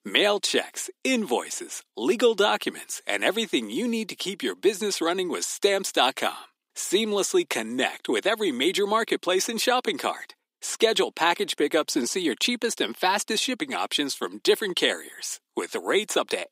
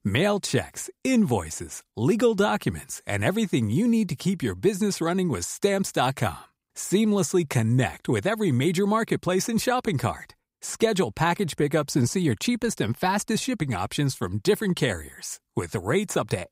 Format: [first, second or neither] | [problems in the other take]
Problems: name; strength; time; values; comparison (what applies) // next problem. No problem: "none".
second | thin; somewhat; fading below 250 Hz